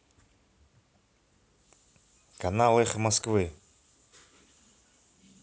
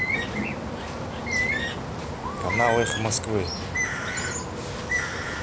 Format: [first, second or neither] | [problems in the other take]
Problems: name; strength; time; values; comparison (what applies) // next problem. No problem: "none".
first | background sound (Bird); 3 dB above the speech